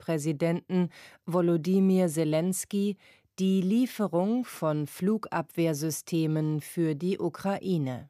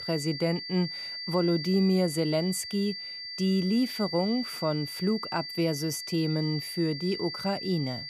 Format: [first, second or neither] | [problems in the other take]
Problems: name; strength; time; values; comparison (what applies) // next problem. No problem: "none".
first | high-pitched whine; loud; throughout; 4.5 kHz, 7 dB below the speech